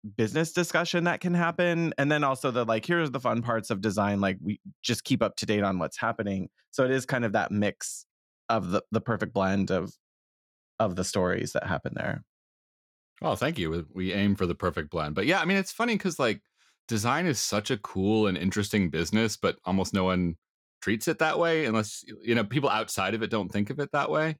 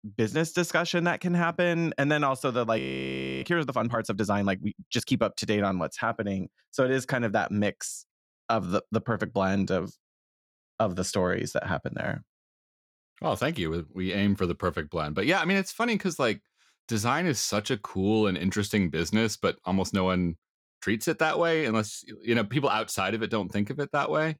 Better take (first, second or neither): first